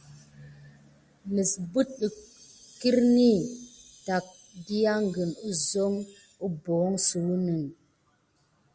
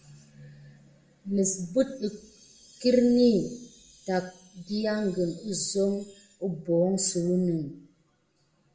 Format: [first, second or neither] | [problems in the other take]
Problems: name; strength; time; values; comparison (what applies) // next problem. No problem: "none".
first | room echo; dies away in 0.4 s